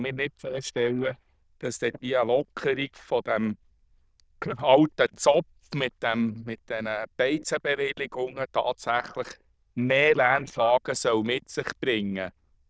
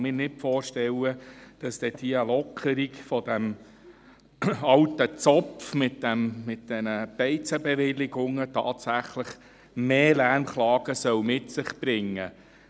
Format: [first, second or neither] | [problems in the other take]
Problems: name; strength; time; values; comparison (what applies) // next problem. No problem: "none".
second | noise reduction (neural diffusion model UNIVERSE++)